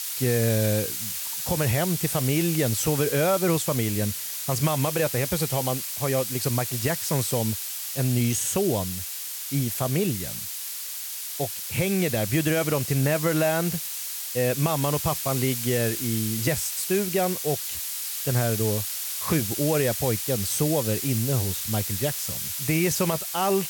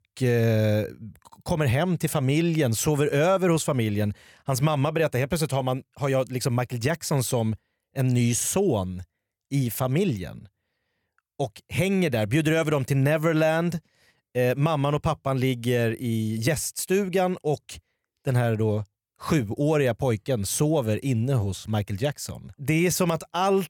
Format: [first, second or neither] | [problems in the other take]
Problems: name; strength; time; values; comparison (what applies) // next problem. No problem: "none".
second | hiss; loud; throughout; 3 dB below the speech